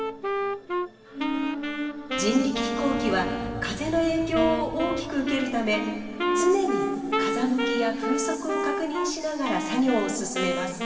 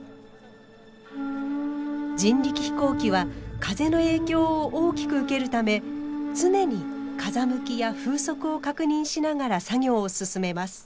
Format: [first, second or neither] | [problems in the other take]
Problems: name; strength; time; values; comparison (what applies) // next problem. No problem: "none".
second | background sound (Wind instrument, woodwind instrument); 3 dB below the speech // room echo; dies away in 2.6 s